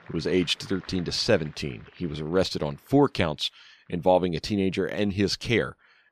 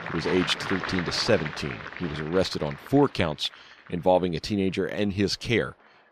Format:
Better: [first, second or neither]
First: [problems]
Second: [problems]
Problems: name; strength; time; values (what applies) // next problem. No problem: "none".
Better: first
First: crowd noise; faint; throughout; 25 dB below the speech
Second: crowd noise; loud; throughout; 8 dB below the speech